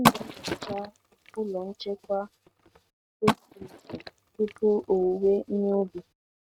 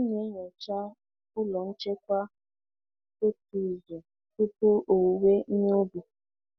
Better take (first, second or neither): second